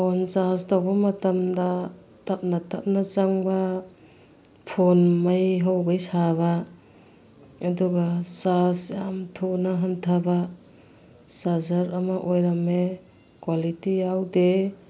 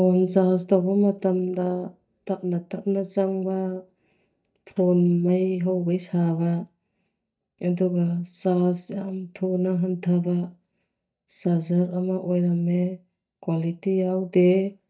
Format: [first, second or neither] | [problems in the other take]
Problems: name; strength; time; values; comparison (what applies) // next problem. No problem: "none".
first | noise reduction (neural mask model DeepFilterNet 3)